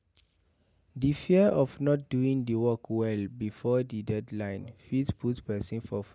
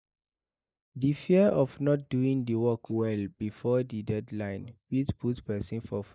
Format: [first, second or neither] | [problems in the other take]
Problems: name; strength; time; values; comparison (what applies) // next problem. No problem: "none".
first | noise reduction (neural mask model Resemble Enhance denoiser)